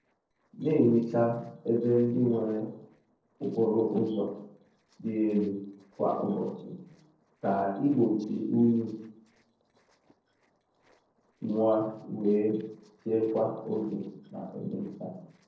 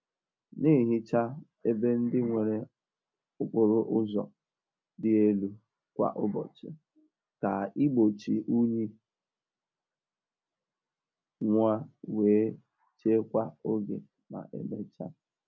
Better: second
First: noise reduction (neural separator model SepFormer DNS4)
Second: none

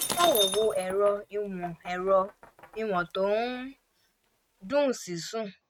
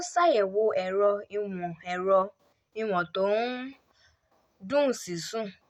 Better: second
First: noise reduction (neural mask model RNNoise)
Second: none

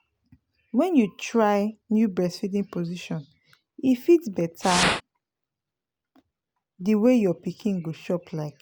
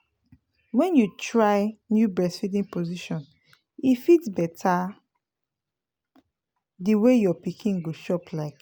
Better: second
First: background sound (Fire); 2 dB above the speech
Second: none

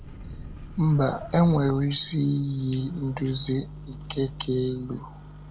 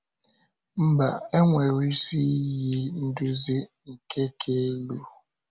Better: second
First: background sound (Microwave oven); 14 dB below the speech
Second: none

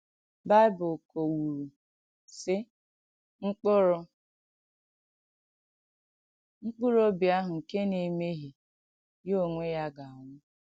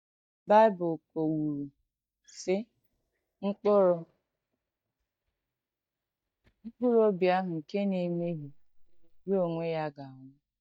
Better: first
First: none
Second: noise reduction (neural mask model DeepFilterNet 3)

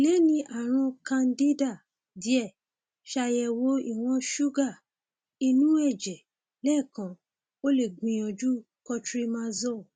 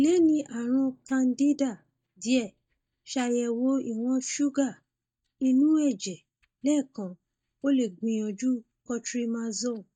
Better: first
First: none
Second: noise reduction (neural mask model DeepFilterNet 3)

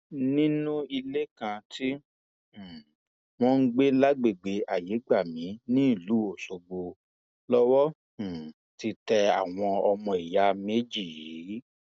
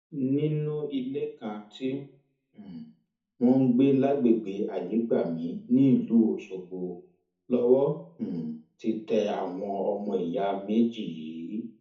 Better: first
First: none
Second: room echo; dies away in 0.6 s

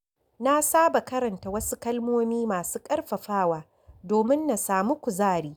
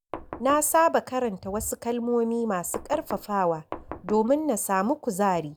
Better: first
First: none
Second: background sound (Knock); 14 dB below the speech

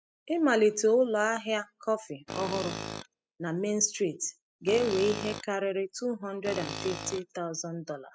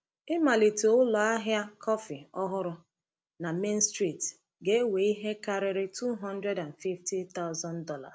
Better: second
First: noise reduction (classical method spectral subtraction)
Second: none

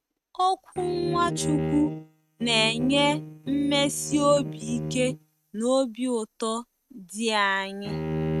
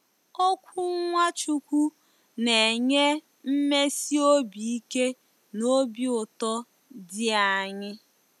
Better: second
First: noise reduction (neural mask model RNNoise)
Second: none

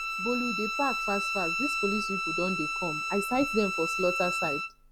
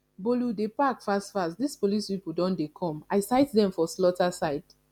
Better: second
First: background sound (Bowed string instrument); as loud as the speech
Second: none

